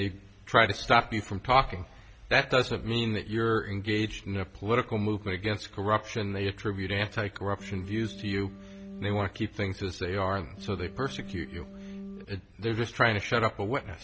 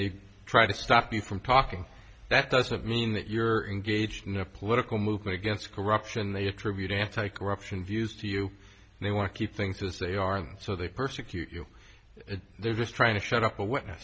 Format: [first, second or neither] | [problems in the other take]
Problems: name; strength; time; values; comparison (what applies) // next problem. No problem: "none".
second | background sound (Organ); 13 dB below the speech